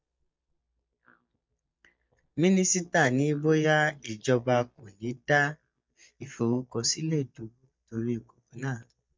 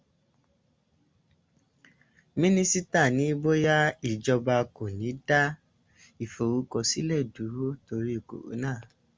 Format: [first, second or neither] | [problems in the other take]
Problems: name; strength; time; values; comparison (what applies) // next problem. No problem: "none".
second | noise reduction (neural mask model DeepFilterNet 3)